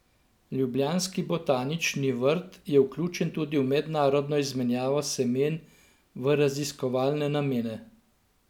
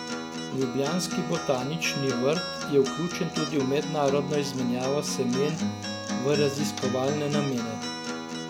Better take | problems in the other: first | background sound (Acoustic guitar); 4 dB below the speech

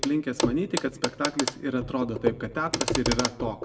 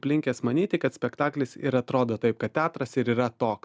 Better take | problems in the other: second | background sound (Clock); 2 dB below the speech // room echo; dies away in 0.9 s

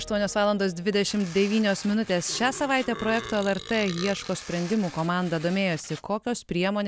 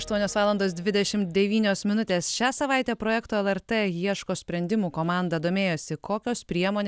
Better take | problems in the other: second | background sound (Tearing + Burping, eructation); 15 dB below the speech

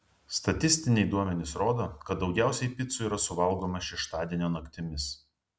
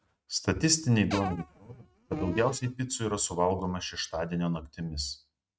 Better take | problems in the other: first | noise reduction (neural mask model RNNoise)

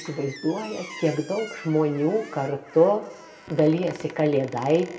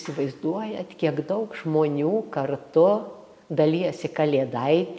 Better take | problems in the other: second | background sound (Squeak); 19 dB below the speech // room echo; dies away in 0.2 s

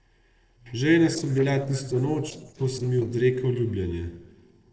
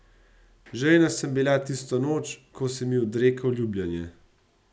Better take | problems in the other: second | noise reduction (neural separator model SepFormer DNS4)

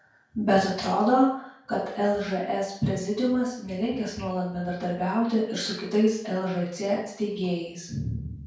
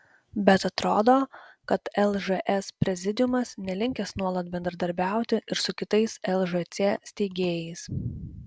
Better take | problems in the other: second | room echo; dies away in 0.5 s

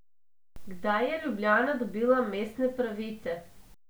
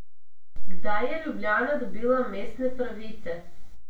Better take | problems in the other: first | room echo; dies away in 0.3 s

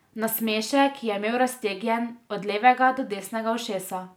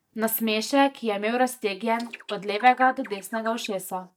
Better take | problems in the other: first | noise reduction (neural mask model DeepFilterNet 3)

